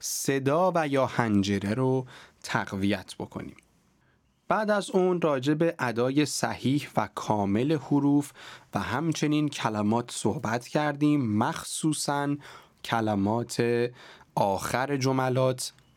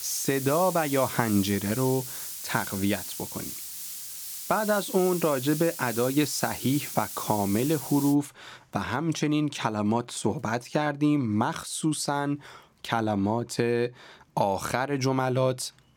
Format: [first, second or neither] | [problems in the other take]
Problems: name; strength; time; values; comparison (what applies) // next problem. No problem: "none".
first | hiss; loud; until 8 s; 7 dB below the speech